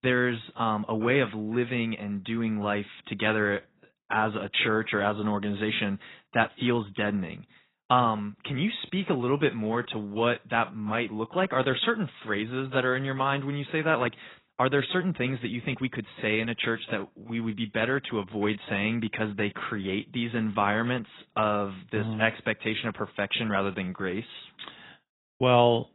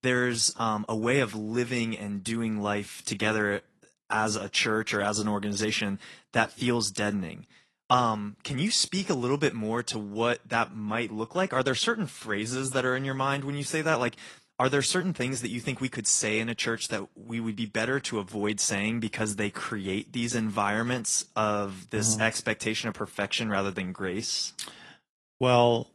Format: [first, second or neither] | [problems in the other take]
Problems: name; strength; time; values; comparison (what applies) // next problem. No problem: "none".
second | garbled, watery; badly; nothing above 4 kHz; slightly in the second